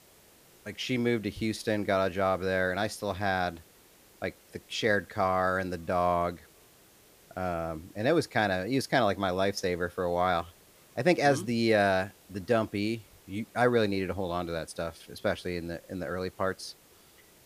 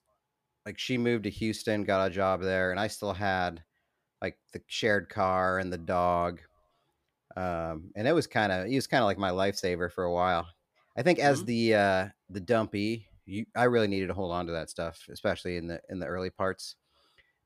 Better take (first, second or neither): second